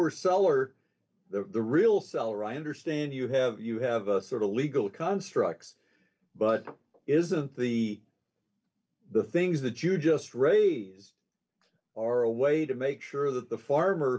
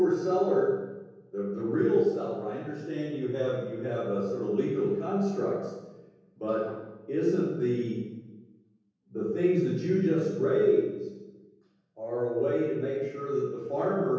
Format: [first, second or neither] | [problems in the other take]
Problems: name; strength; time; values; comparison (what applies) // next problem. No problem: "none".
first | room echo; dies away in 1.3 s